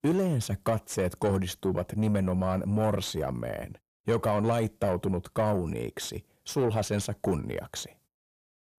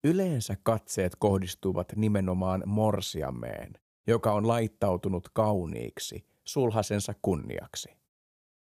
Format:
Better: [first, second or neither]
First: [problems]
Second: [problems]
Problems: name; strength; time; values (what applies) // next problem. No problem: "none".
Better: second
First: distortion; slight; 10 dB below the speech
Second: none